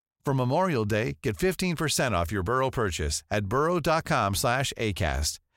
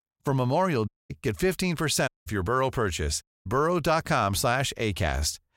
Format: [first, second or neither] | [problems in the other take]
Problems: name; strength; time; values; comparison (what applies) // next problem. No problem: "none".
first | audio cutting out; at 1 s, at 2 s and at 3 s